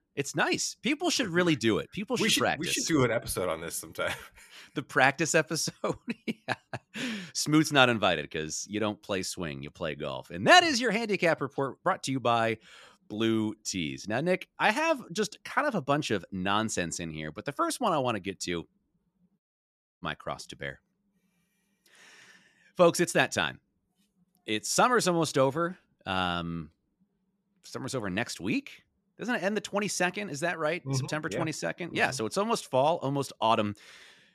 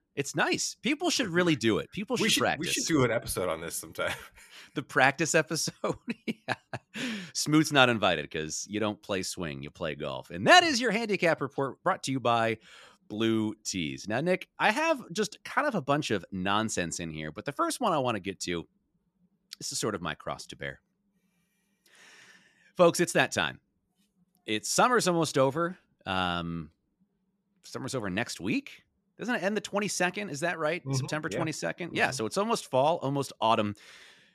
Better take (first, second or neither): second